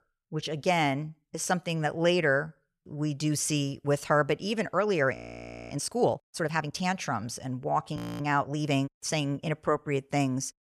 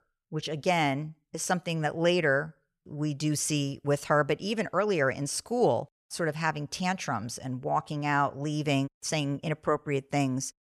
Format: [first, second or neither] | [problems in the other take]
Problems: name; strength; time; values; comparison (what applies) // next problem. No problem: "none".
second | audio freezing; at 5 s for 0.5 s and at 8 s